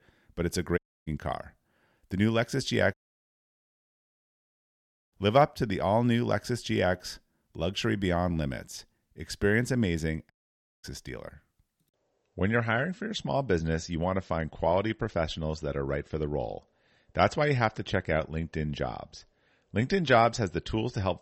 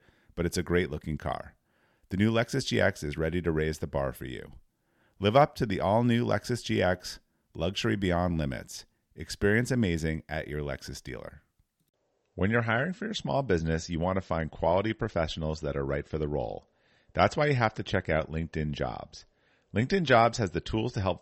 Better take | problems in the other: second | audio cutting out; at 1 s, at 3 s for 2 s and at 10 s for 0.5 s

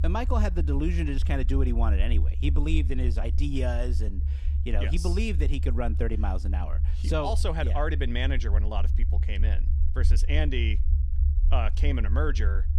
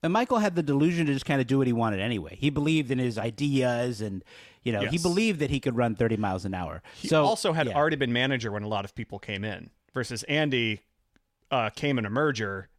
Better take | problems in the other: second | low rumble; noticeable; throughout; 10 dB below the speech

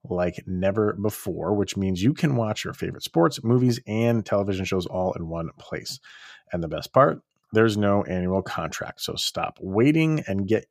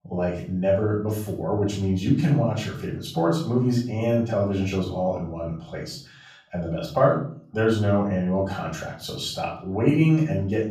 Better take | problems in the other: first | room echo; noticeable; dies away in 0.5 s // off-mic speech; far

